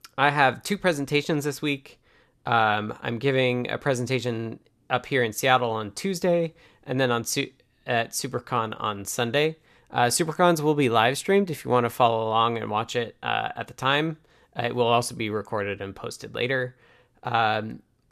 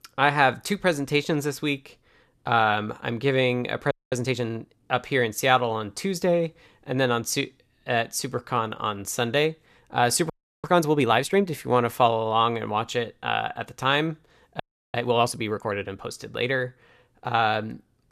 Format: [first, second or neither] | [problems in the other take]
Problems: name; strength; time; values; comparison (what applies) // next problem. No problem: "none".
first | audio freezing; at 4 s, at 10 s and at 15 s